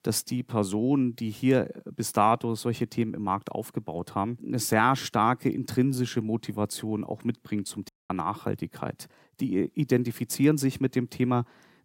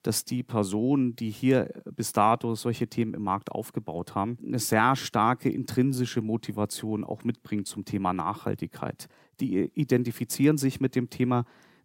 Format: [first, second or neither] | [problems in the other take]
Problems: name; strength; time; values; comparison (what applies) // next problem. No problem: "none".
second | audio cutting out; at 8 s